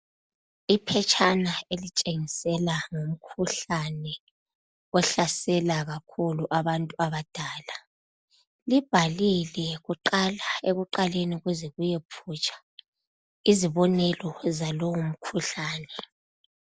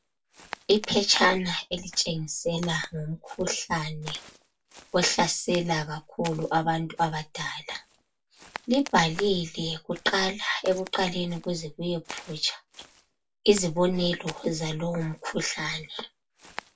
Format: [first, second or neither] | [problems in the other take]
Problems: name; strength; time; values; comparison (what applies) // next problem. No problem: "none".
first | background sound (Walk, footsteps); 19 dB below the speech // room echo; dies away in 0.1 s